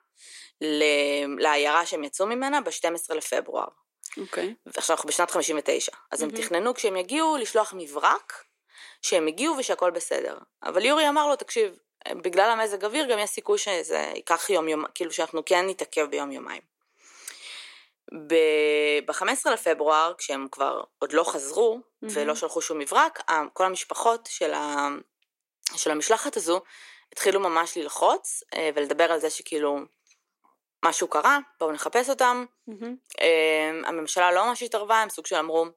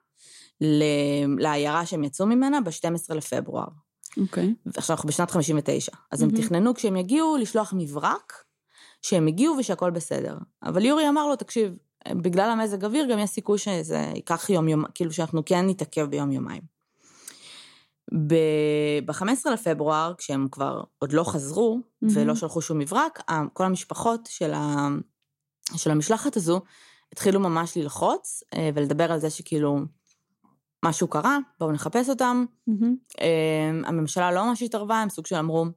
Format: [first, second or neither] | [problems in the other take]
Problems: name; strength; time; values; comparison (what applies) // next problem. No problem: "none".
second | thin; very; fading below 400 Hz